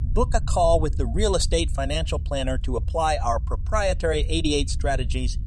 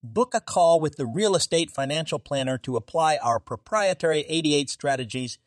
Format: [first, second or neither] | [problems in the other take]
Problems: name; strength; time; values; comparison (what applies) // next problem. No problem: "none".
second | low rumble; faint; throughout; 20 dB below the speech